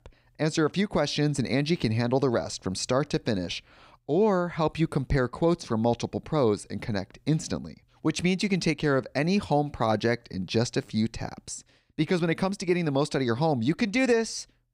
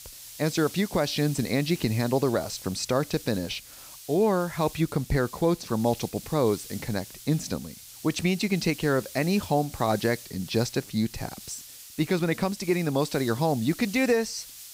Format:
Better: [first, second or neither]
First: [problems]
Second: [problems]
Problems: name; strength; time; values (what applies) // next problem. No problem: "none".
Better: first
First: none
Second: hiss; noticeable; throughout; 15 dB below the speech